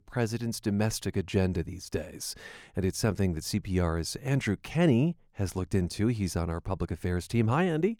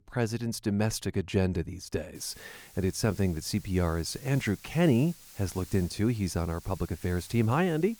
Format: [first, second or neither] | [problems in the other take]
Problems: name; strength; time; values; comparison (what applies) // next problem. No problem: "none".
first | hiss; noticeable; from 2 s on; 20 dB below the speech